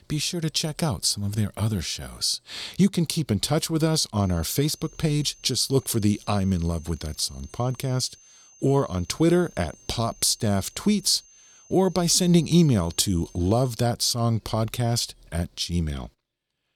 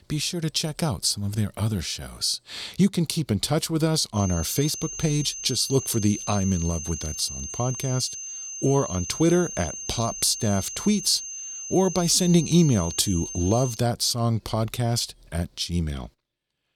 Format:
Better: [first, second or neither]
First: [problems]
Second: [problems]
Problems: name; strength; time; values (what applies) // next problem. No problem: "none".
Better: first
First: high-pitched whine; faint; from 4 to 14 s; 6.5 kHz, 25 dB below the speech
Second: high-pitched whine; loud; from 4 to 14 s; 6.5 kHz, 8 dB below the speech